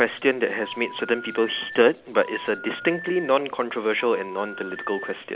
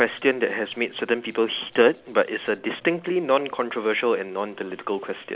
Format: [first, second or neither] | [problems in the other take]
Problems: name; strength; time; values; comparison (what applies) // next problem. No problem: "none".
second | background sound (Telephone); 14 dB below the speech